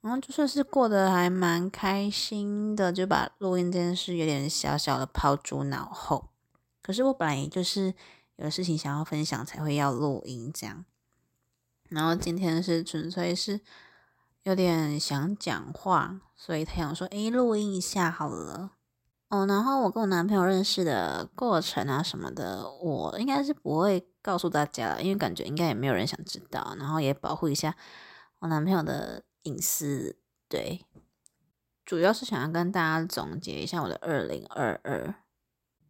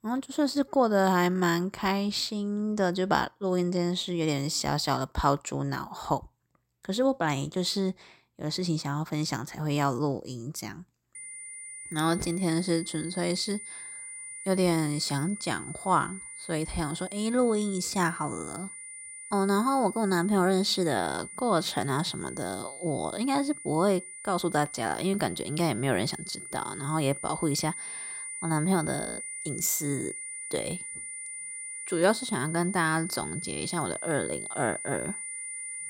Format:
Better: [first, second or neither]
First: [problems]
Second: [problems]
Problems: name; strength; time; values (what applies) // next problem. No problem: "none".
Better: first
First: none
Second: high-pitched whine; loud; from 11 s on; 9.5 kHz, 9 dB below the speech